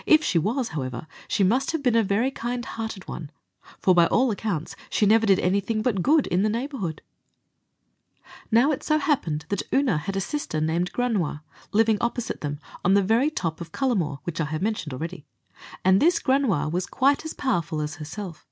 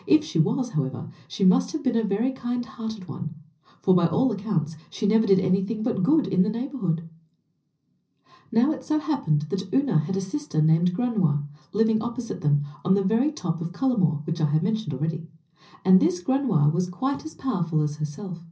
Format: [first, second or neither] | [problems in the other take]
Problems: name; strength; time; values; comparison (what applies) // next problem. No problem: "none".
first | room echo; dies away in 0.5 s